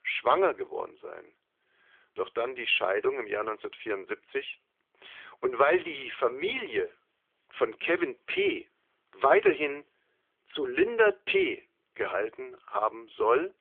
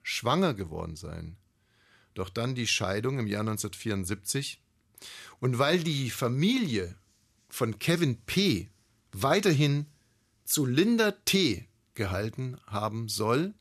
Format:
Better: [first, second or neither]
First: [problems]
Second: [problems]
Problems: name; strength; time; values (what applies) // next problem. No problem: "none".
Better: second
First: phone-call audio; nothing above 3.5 kHz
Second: none